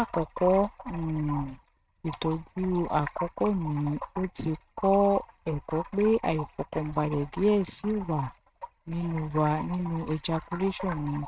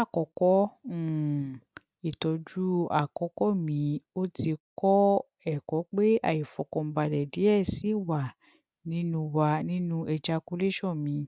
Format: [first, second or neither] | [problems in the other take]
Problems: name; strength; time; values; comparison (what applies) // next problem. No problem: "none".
second | noise reduction (neural mask model RNNoise)